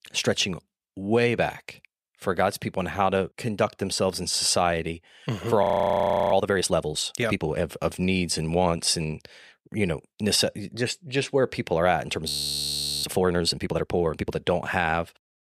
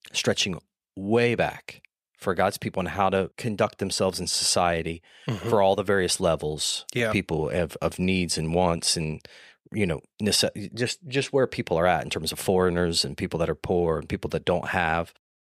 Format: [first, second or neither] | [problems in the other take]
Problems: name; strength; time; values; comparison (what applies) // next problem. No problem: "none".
second | audio freezing; at 5.5 s for 0.5 s and at 12 s for 1 s